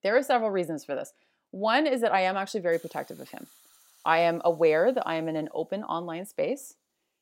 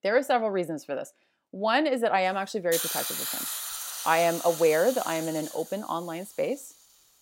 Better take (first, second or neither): first